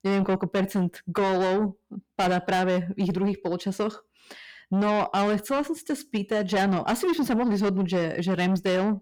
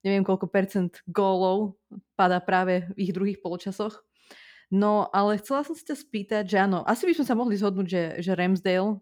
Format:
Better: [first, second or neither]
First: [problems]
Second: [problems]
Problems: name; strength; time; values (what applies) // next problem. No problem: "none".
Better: second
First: distortion; heavy; 8 dB below the speech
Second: none